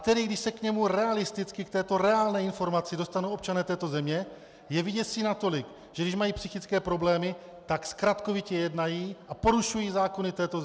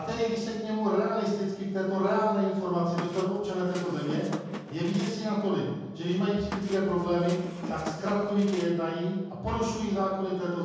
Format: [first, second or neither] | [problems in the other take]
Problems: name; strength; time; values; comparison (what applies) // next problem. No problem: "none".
first | background sound (Squeak); 11 dB below the speech // room echo; dies away in 1.3 s